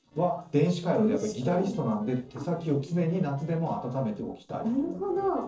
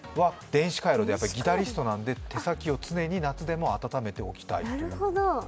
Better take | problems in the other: second | noise reduction (neural separator model SepFormer DNS4)

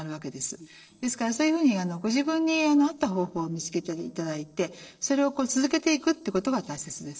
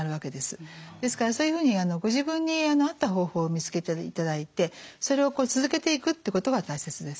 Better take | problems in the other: second | noise reduction (neural separator model SepFormer DNS4)

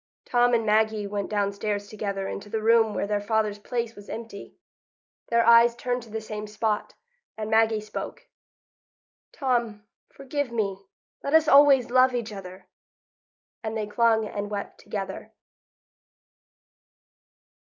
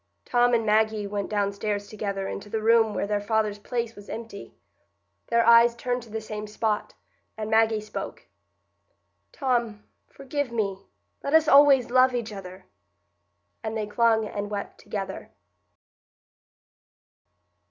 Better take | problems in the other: second | noise reduction (neural mask model Resemble Enhance denoiser)

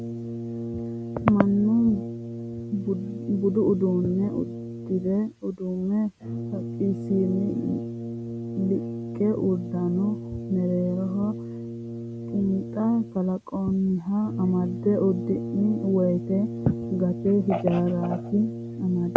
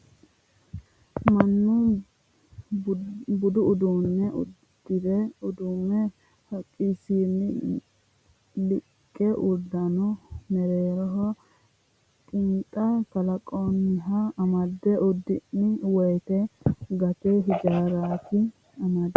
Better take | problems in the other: second | background sound (Brass instrument); 8 dB below the speech

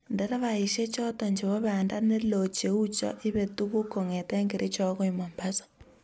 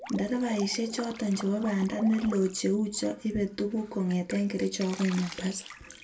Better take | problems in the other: first | background sound (Drip); 16 dB below the speech // room echo; dies away in 0.2 s

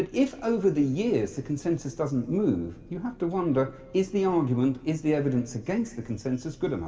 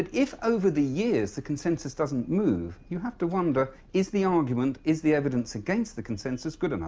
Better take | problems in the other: second | room echo; dies away in 2.7 s

